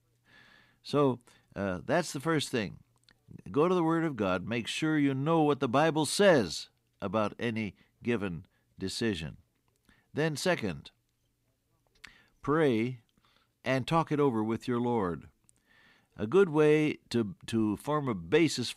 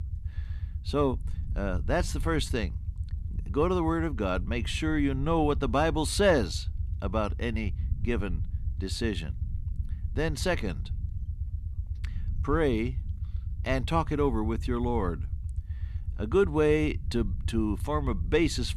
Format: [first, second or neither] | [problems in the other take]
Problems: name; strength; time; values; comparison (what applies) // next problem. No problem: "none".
first | low rumble; faint; throughout; 20 dB below the speech